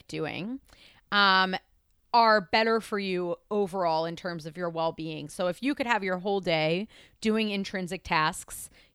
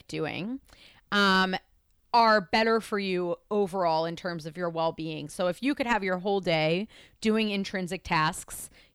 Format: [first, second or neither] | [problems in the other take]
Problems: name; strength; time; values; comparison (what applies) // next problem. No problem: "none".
first | distortion; slight; 10 dB below the speech